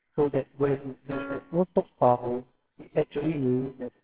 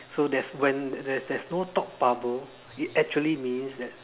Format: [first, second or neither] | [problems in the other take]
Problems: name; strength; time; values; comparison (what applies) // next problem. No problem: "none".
second | noise reduction (neural separator model SepFormer WHAMR!)